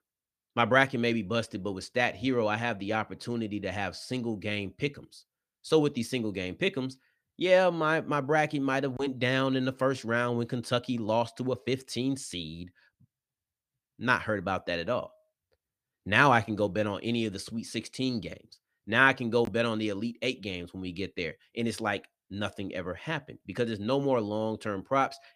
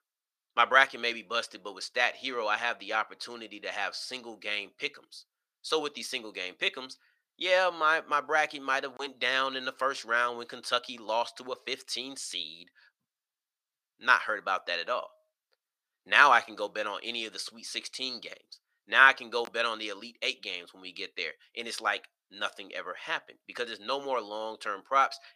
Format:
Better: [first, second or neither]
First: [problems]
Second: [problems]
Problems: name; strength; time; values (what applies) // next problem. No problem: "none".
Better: first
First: none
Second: thin; very; fading below 600 Hz